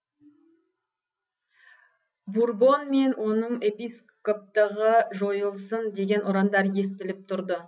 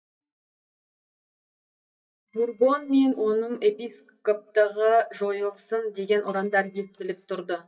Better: first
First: none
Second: noise reduction (neural mask model DeepFilterNet 3)

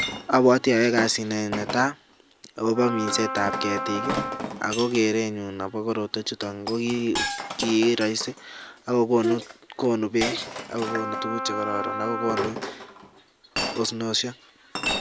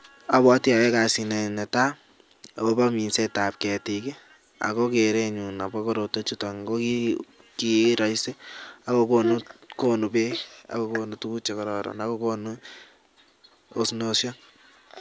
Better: second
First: background sound (Wind instrument, woodwind instrument + Chink, clink); 7 dB below the speech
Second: none

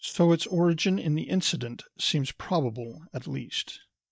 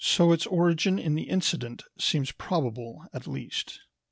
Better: second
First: noise reduction (neural mask model DeepFilterNet 3)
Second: none

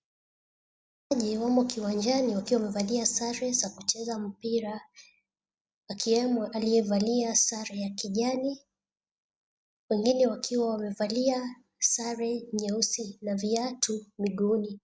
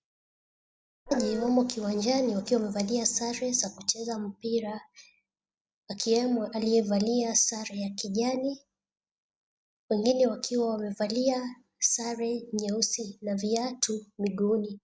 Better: first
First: none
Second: background sound (Dog); 6 dB below the speech

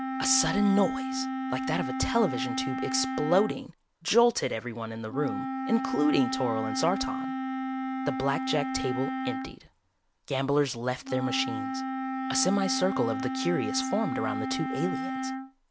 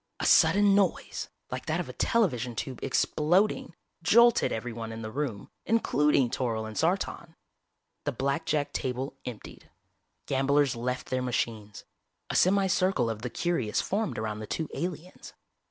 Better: second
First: background sound (Wind instrument, woodwind instrument); 3 dB below the speech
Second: none

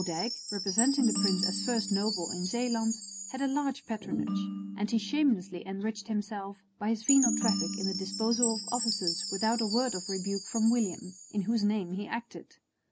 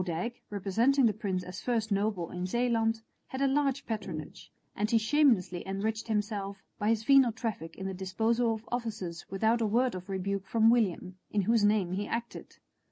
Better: second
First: background sound (Chime + Ringtone); 4 dB below the speech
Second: none

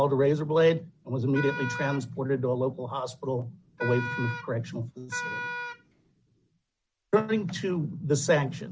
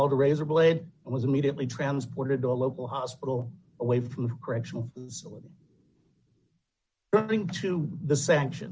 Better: second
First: background sound (Wind instrument, woodwind instrument); 8 dB below the speech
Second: none

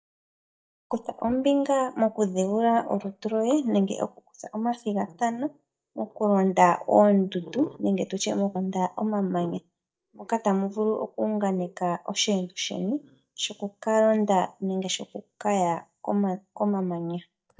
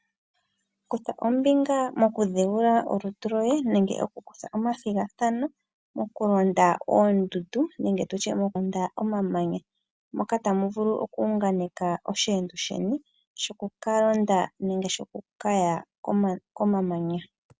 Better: second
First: noise reduction (neural mask model DeepFilterNet 3)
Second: none

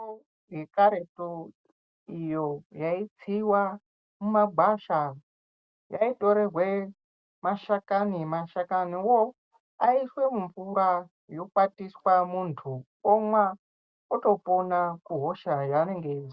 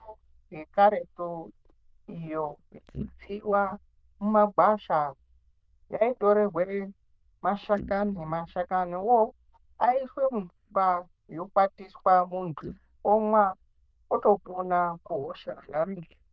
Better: first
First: none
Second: noise reduction (neural diffusion model UNIVERSE++)

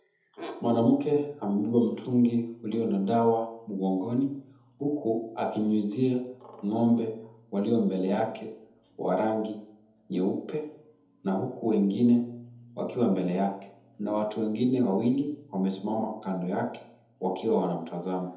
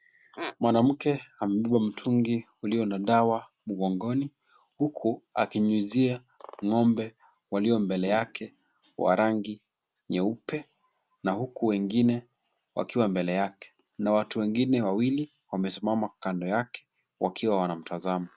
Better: second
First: room echo; dies away in 0.7 s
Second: none

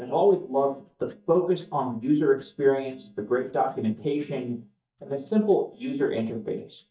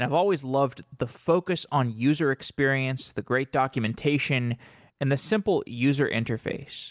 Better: second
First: noise reduction (neural mask model DeepFilterNet 3)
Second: none

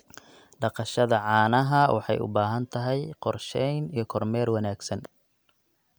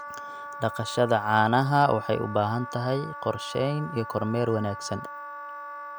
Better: first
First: none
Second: background sound (Wind instrument, woodwind instrument); 11 dB below the speech

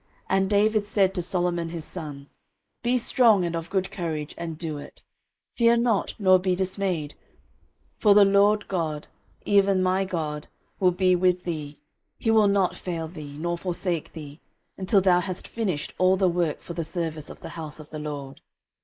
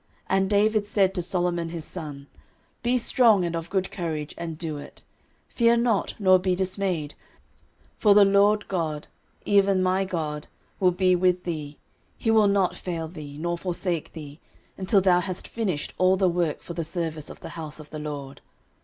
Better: second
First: noise reduction (neural mask model Resemble Enhance denoiser)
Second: none

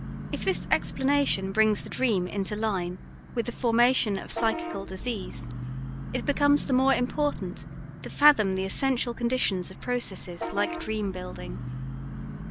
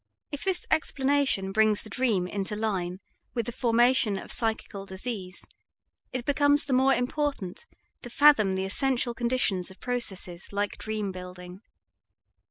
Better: second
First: background sound (Bus / Vehicle horn, car horn, honking); 9 dB below the speech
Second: none

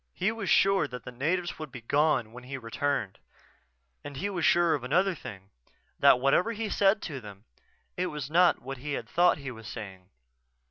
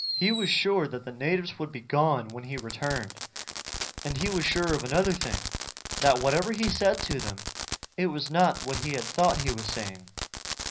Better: first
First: none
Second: background sound (Fireworks); 7 dB below the speech // room echo; dies away in 0.5 s

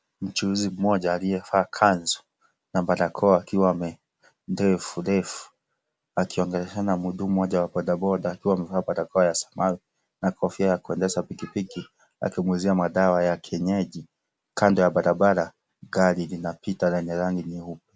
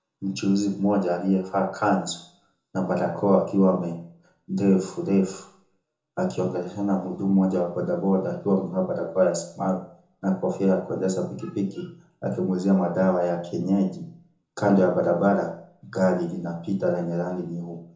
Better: first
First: none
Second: room echo; dies away in 0.6 s

